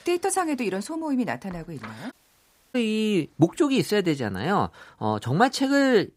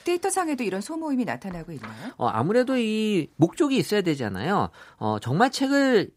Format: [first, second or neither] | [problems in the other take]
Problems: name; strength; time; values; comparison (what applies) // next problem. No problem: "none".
second | audio cutting out; at 2 s for 0.5 s